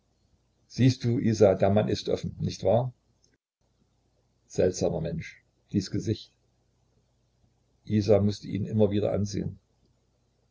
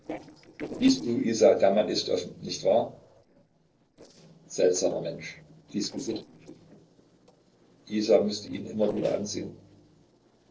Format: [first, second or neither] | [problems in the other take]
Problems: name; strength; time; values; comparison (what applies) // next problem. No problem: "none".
first | noise reduction (neural separator model SepFormer DNS4)